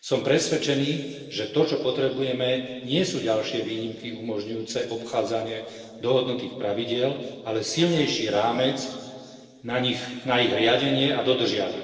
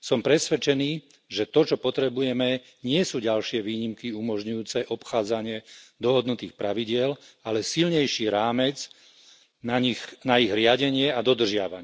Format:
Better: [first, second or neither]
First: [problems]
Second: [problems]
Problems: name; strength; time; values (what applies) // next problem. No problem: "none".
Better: second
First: noise reduction (neural separator model SepFormer DNS4)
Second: none